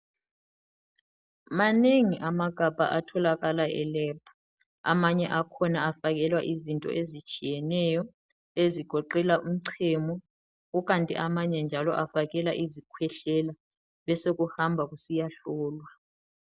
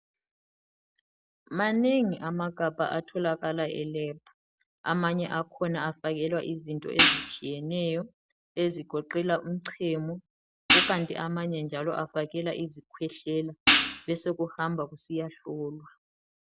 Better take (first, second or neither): first